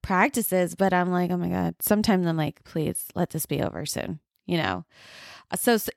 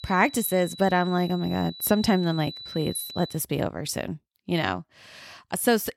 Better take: first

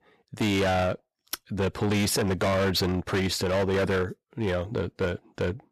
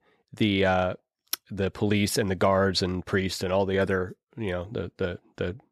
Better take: second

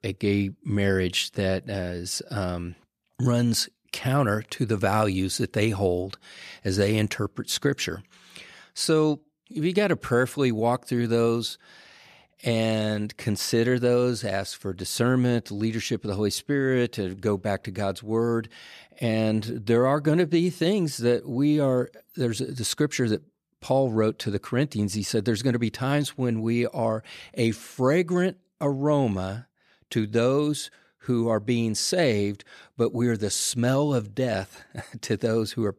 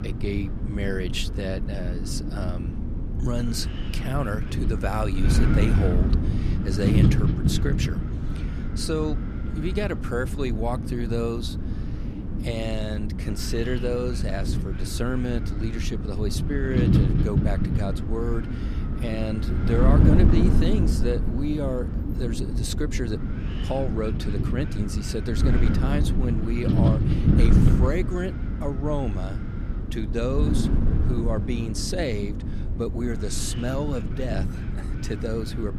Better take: first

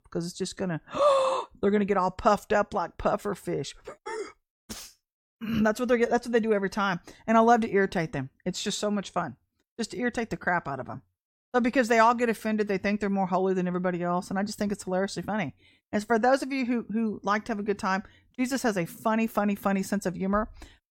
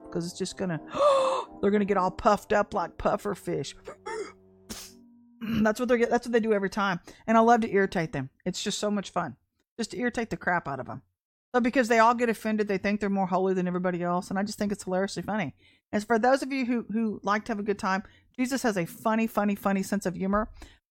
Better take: first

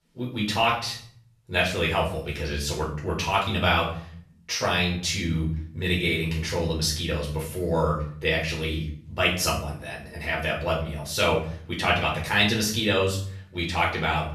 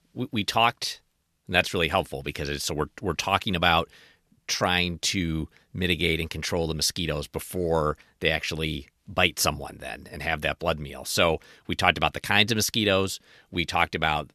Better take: second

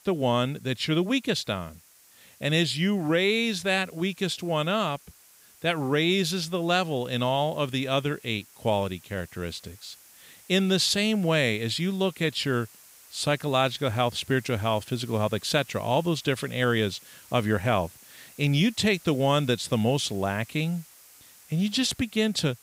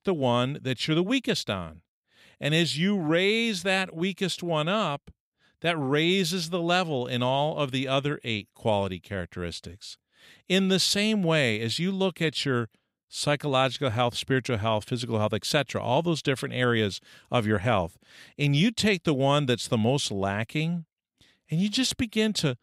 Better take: second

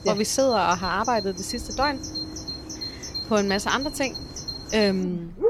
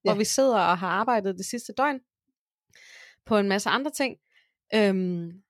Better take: second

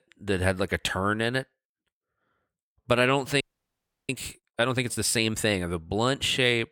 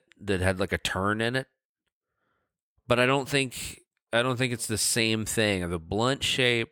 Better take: second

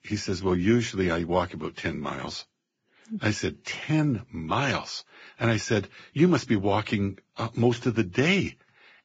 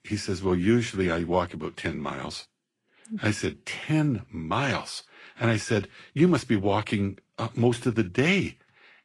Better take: second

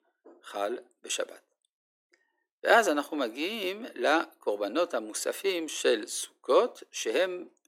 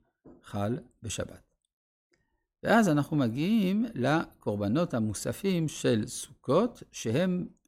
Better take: second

